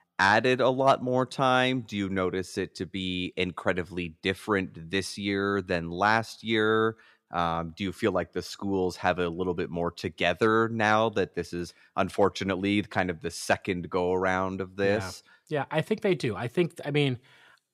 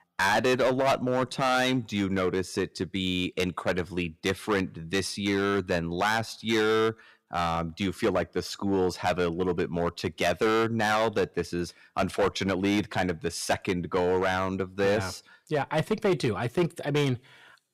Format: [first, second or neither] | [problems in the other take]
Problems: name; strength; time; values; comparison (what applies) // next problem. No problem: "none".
first | distortion; heavy; 7% of the sound clipped